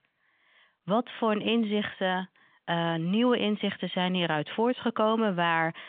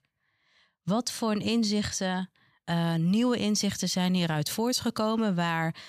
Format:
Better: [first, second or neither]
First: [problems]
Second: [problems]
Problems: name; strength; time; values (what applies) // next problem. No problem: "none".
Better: second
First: phone-call audio; nothing above 3.5 kHz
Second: none